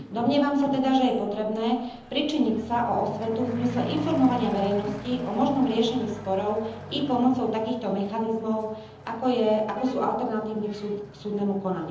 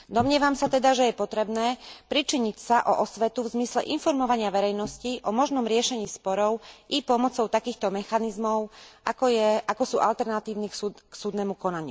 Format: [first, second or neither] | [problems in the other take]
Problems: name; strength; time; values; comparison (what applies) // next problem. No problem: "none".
second | background sound (Accelerating, revving, vroom / Truck); 14 dB below the speech // room echo; dies away in 0.9 s